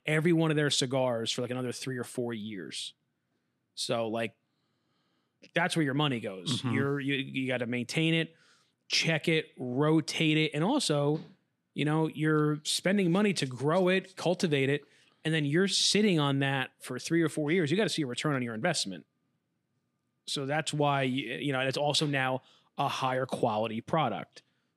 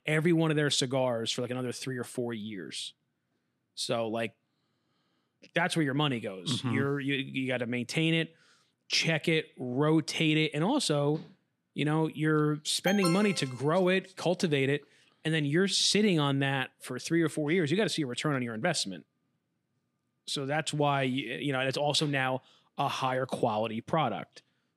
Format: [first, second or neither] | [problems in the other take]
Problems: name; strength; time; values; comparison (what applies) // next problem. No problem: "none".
first | alarm; noticeable; at 13 s; peak 4 dB below the speech